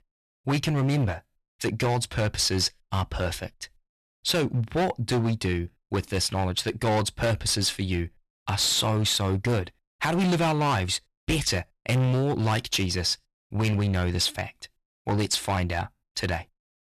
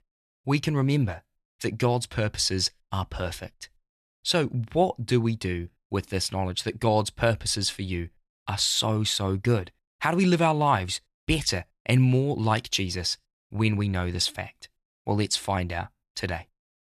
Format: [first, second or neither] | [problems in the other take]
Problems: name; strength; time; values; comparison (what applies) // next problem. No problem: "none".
second | distortion; heavy; 12% of the sound clipped